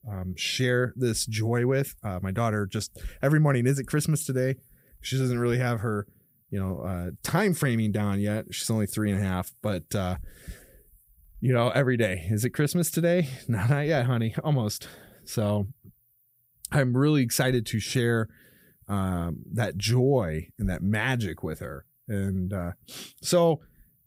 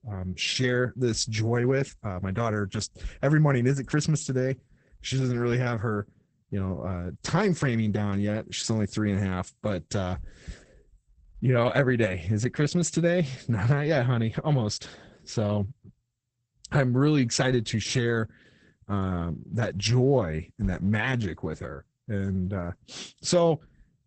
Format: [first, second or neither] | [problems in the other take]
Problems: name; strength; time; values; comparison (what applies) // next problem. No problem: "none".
first | garbled, watery; badly; nothing above 8 kHz